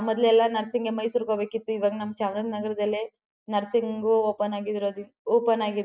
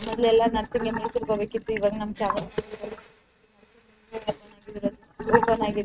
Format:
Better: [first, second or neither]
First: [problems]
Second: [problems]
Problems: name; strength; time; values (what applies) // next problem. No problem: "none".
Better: first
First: none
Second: noise reduction (neural mask model RNNoise)